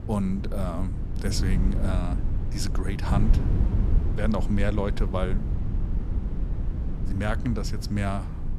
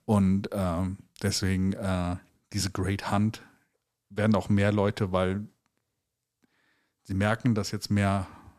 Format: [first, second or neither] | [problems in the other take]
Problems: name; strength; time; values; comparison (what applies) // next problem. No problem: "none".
second | wind noise on the microphone; heavy; 8 dB below the speech